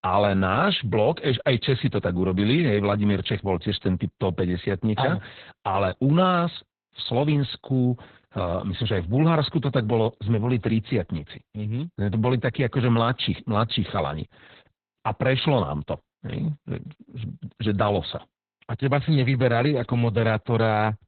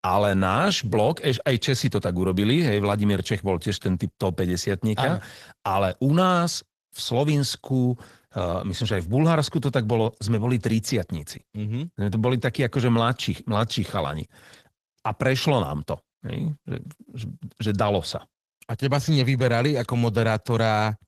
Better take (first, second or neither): second